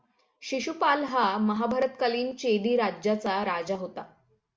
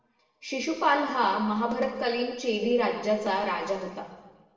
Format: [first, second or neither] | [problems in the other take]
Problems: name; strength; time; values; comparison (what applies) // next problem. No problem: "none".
first | room echo; dies away in 1.3 s